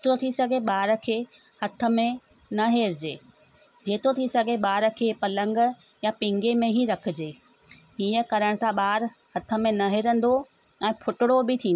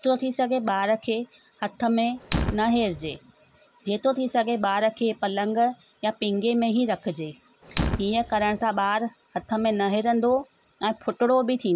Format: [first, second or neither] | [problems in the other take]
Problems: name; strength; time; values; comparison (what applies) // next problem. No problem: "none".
first | background sound (Fire); 13 dB below the speech